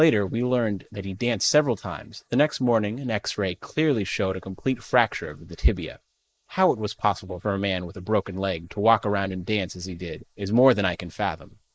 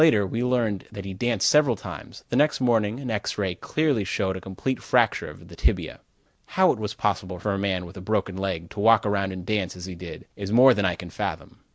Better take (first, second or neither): second